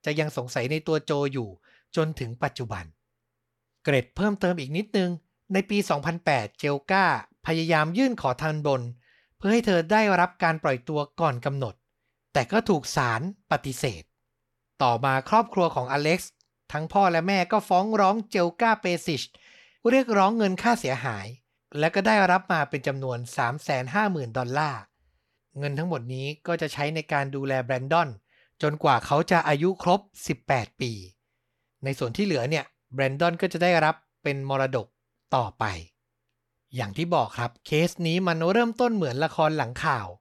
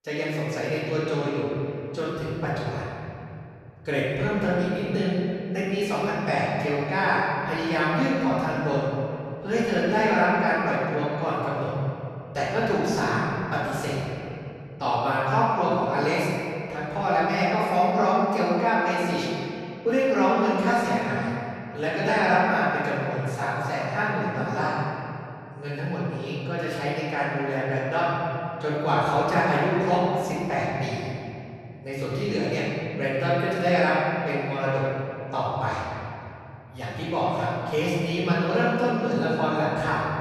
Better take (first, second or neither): first